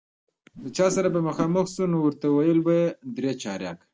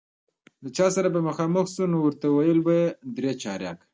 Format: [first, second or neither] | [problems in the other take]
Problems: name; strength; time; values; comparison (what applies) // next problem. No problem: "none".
second | background sound (Whoosh, swoosh, swish); 12 dB below the speech